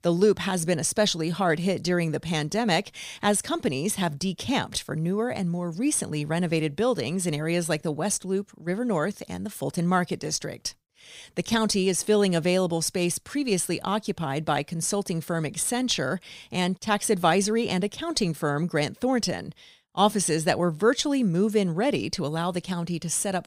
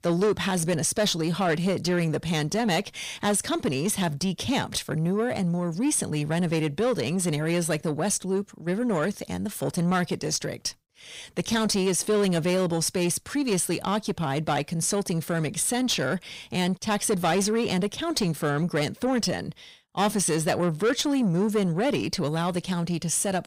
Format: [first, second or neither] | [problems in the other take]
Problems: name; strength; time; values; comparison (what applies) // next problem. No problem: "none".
first | distortion; slight; 10 dB below the speech